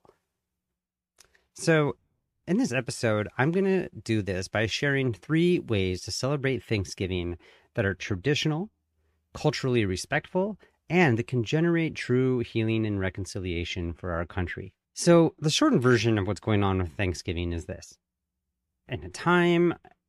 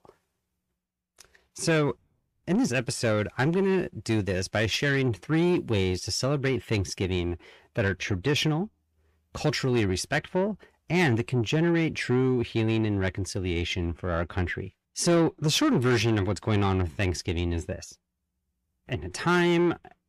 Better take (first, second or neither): first